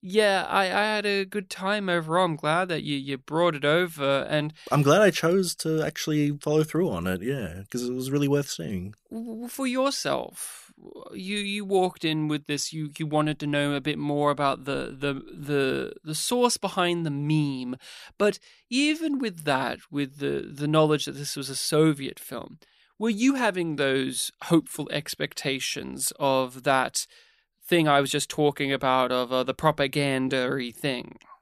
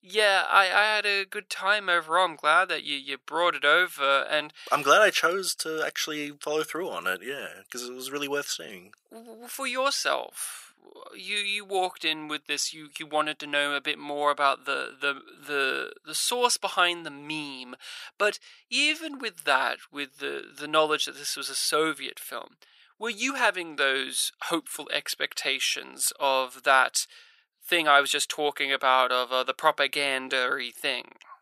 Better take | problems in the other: first | thin; very; fading below 600 Hz

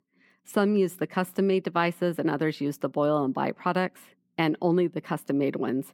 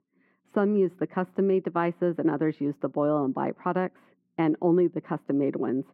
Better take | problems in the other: first | muffled; very; fading above 3.5 kHz

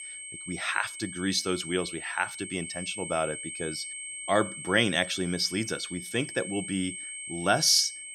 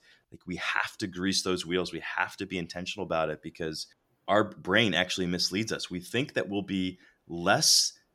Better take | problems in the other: second | high-pitched whine; loud; throughout; 8.5 kHz, 9 dB below the speech

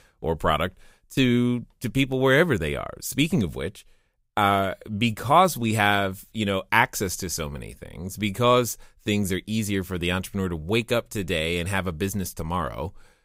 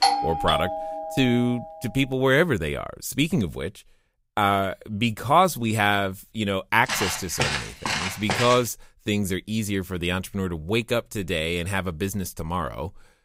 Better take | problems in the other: first | doorbell; loud; until 1.5 s; peak 3 dB above the speech // footsteps; noticeable; from 7 to 8.5 s; peak 1 dB below the speech

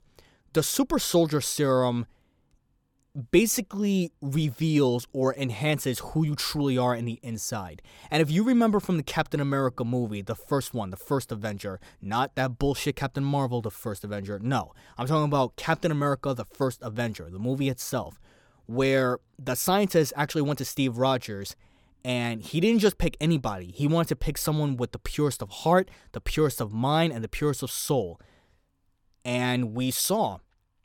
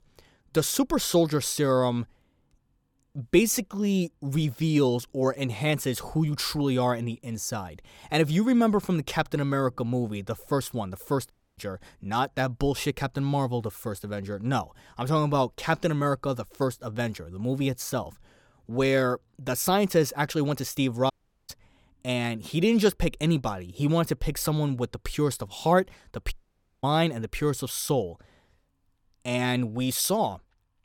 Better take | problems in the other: first | audio cutting out; at 11 s, at 21 s and at 26 s for 0.5 s

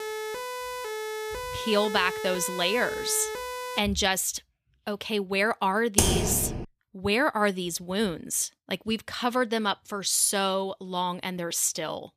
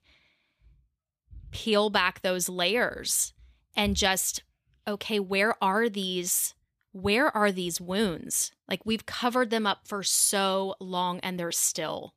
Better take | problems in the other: second | siren; noticeable; until 4 s; peak 6 dB below the speech // keyboard typing; loud; at 6 s; peak 4 dB above the speech

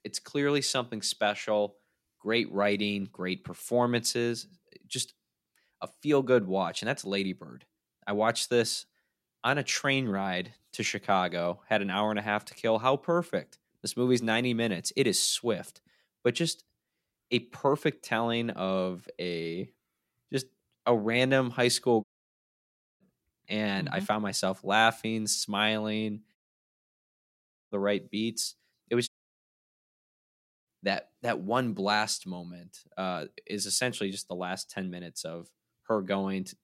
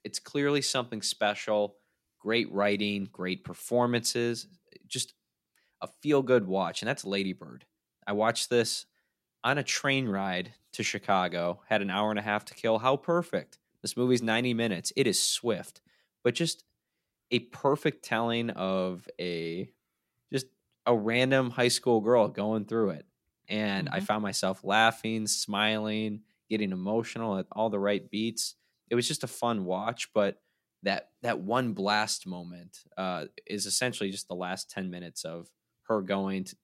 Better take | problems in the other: second | audio cutting out; at 22 s for 1 s, at 26 s for 1.5 s and at 29 s for 1.5 s

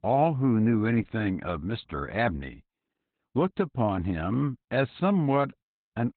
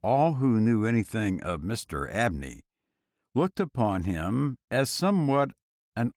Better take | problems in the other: second | garbled, watery; badly; nothing above 4 kHz; slightly in the second

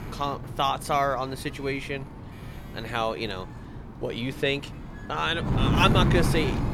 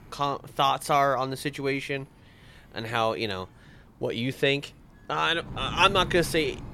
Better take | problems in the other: second | wind noise on the microphone; heavy; 9 dB below the speech; occasional gusts in the second

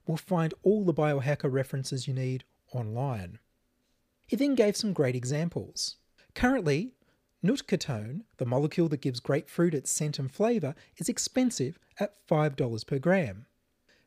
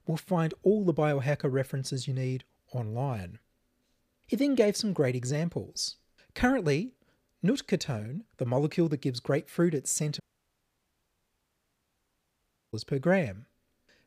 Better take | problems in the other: first | audio cutting out; at 10 s for 2.5 s

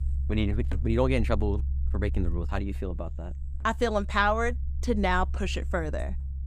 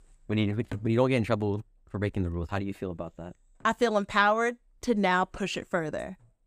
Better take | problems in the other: second | low rumble; faint; throughout; 25 dB below the speech

